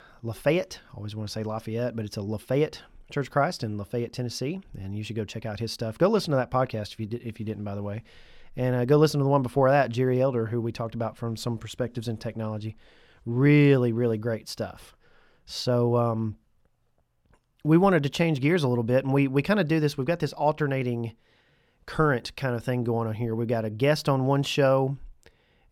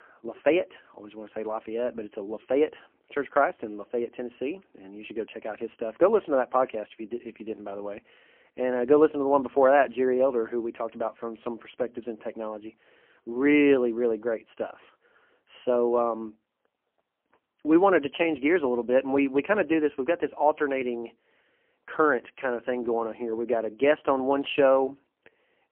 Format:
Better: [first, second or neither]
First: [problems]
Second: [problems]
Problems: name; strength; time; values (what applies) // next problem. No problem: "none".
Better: first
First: none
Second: phone-call audio; poor line; nothing above 3 kHz